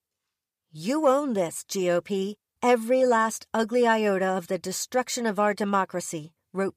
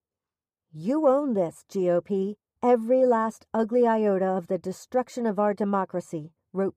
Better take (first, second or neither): first